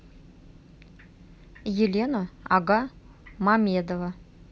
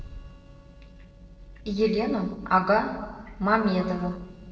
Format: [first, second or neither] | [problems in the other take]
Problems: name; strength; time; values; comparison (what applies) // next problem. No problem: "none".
first | noise reduction (neural separator model SepFormer DNS4)